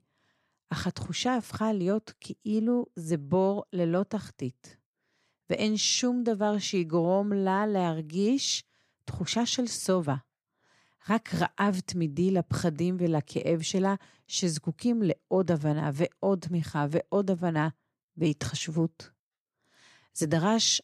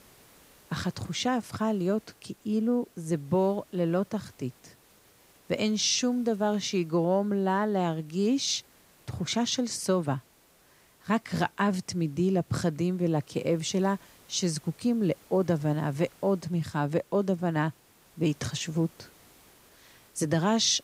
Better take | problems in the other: first | hiss; faint; throughout; 30 dB below the speech

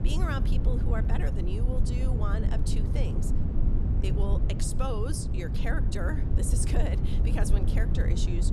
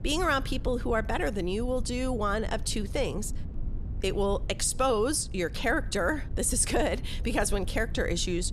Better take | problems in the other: second | low rumble; loud; throughout; 4 dB below the speech; faint in the second

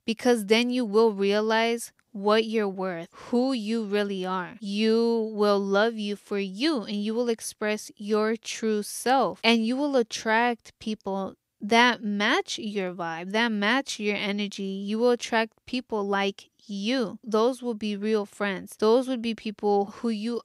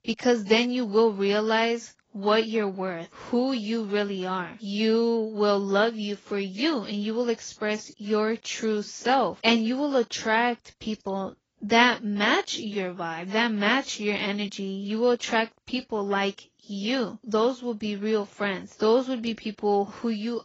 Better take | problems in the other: first | garbled, watery; badly; nothing above 6.5 kHz

